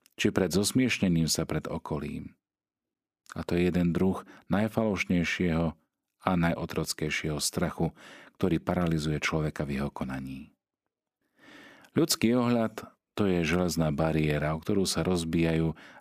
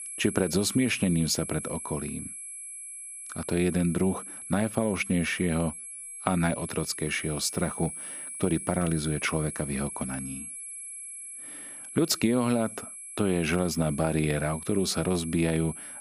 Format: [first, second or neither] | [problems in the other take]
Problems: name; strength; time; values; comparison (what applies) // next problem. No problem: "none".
first | high-pitched whine; loud; throughout; 11 kHz, 9 dB below the speech